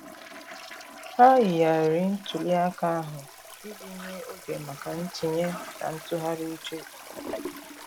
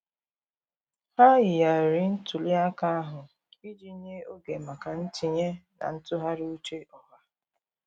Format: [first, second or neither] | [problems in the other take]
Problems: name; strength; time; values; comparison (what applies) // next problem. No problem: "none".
second | background sound (Toilet flush); 15 dB below the speech